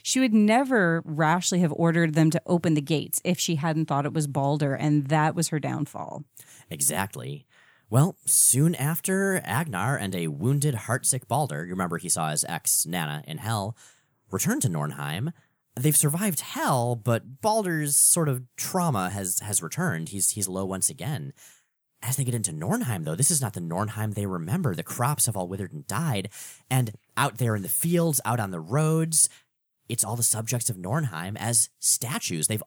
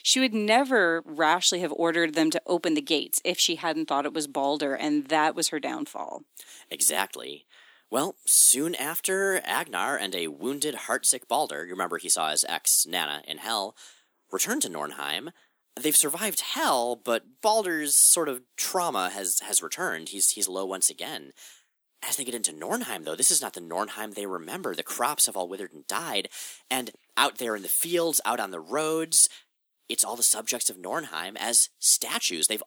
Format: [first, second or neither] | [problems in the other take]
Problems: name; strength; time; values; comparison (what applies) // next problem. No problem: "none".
first | thin; somewhat; fading below 250 Hz